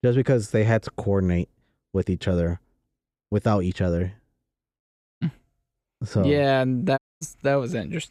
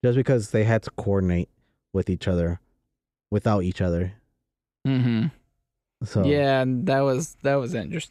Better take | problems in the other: second | audio cutting out; at 5 s and at 7 s

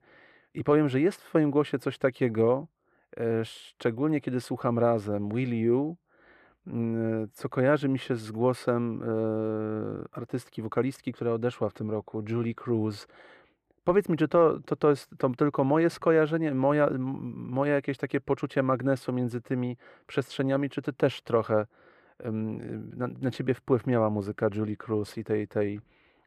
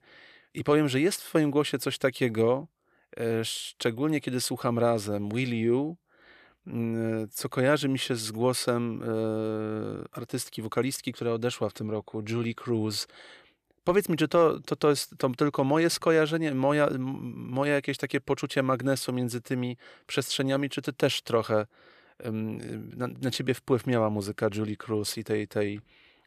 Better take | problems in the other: second | muffled; slightly; fading above 2.5 kHz

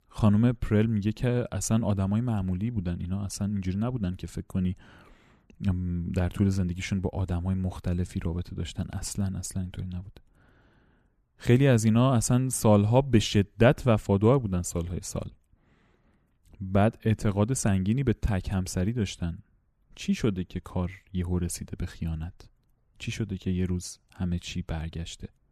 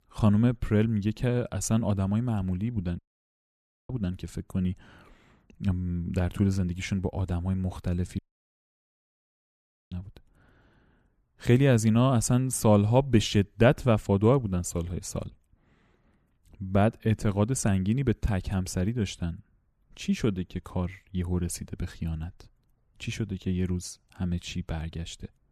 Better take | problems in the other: first | audio cutting out; at 3 s for 1 s and at 8 s for 1.5 s

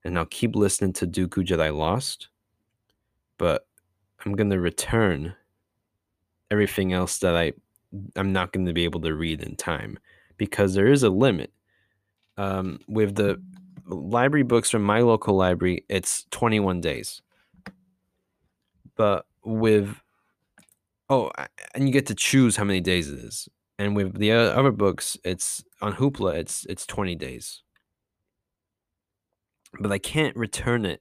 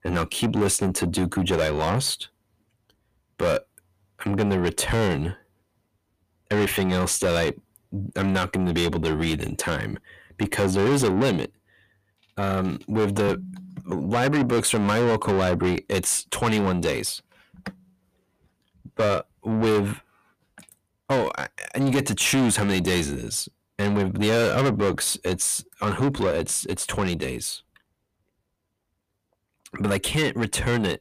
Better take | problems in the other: first | distortion; heavy; 6 dB below the speech

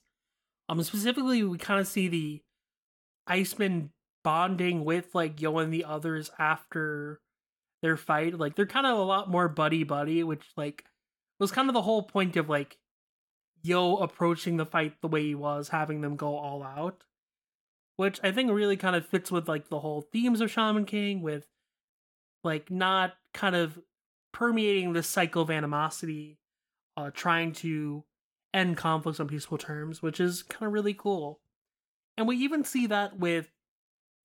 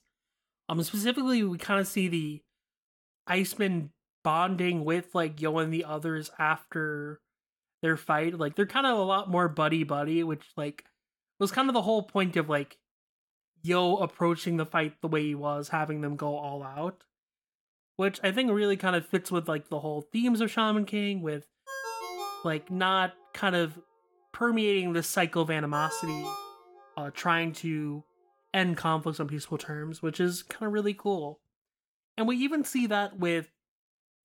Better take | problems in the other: first | phone ringing; noticeable; from 22 to 27 s; peak 7 dB below the speech

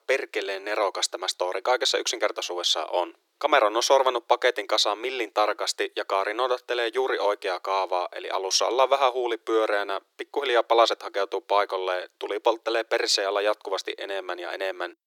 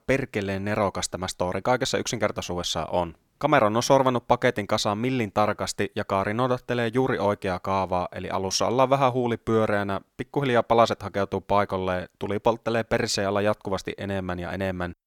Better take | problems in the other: second | thin; very; fading below 350 Hz

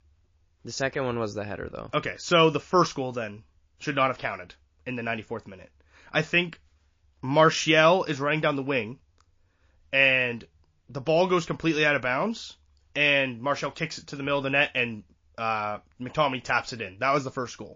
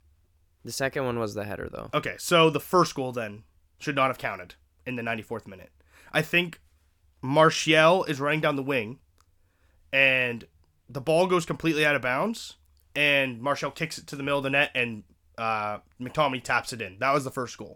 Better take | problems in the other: second | garbled, watery; slightly; nothing above 6 kHz

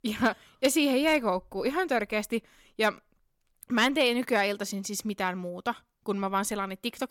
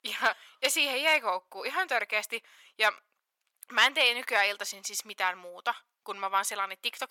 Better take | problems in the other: first | thin; very; fading below 900 Hz

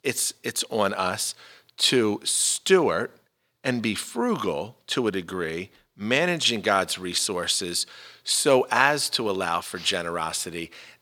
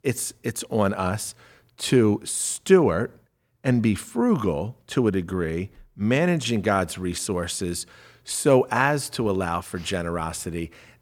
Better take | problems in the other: second | thin; very slightly; fading below 1 kHz

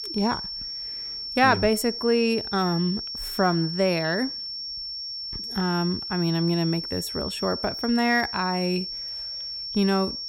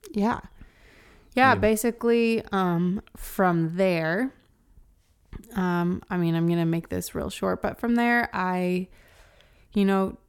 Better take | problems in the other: second | high-pitched whine; loud; throughout; 5.5 kHz, 6 dB below the speech

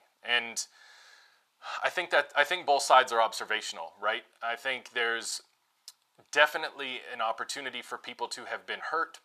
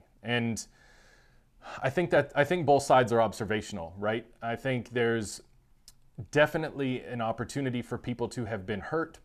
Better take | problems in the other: second | thin; very; fading below 850 Hz

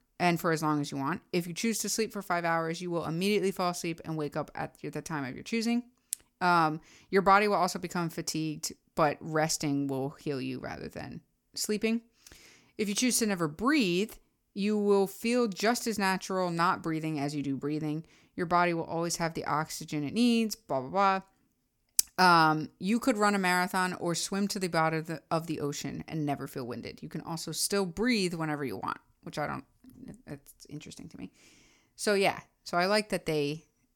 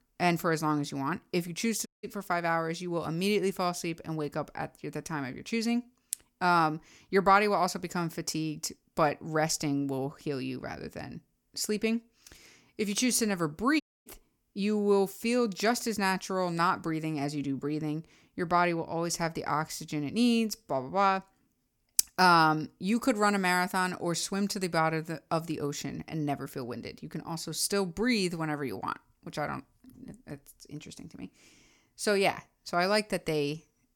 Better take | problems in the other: first | audio cutting out; at 2 s and at 14 s

